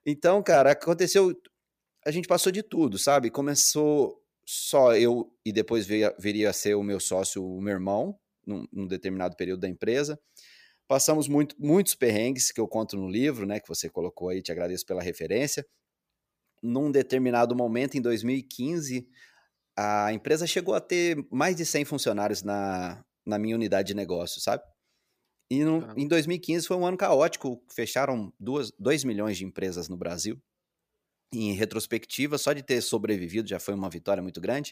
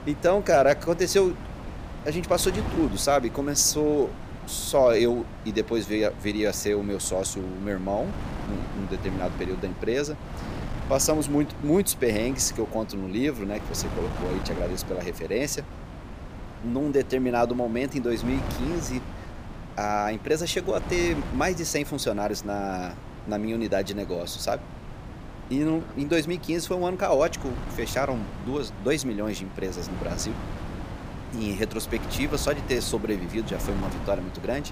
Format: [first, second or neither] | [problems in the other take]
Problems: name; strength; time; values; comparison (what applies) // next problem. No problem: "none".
first | wind noise on the microphone; occasional gusts; 15 dB below the speech